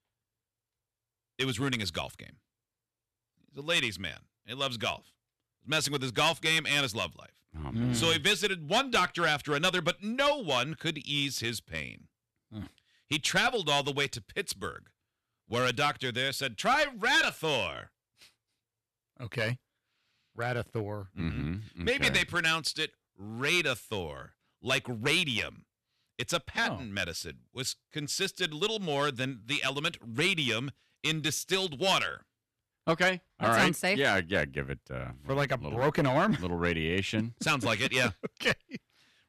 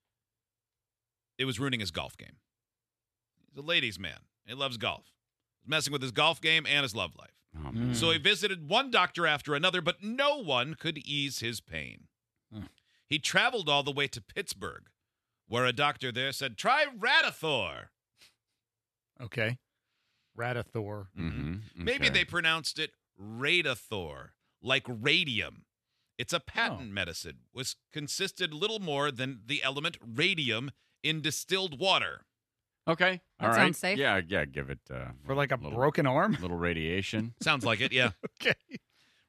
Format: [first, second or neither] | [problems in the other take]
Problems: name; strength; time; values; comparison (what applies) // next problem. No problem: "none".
second | distortion; slight; 3% of the sound clipped